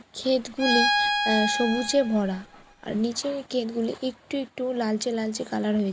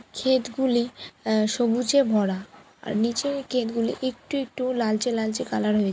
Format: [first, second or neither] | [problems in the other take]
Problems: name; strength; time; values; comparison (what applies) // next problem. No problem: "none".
second | background sound (Bowed string instrument); 1 dB below the speech